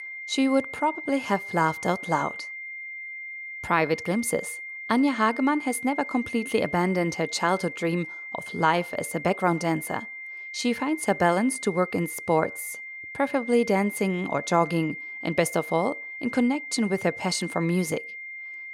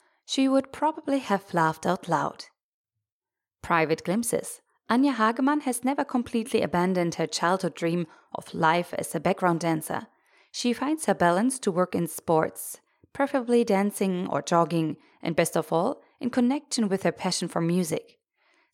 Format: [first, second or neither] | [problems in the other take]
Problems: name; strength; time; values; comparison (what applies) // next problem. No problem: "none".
second | high-pitched whine; loud; throughout; 2 kHz, 10 dB below the speech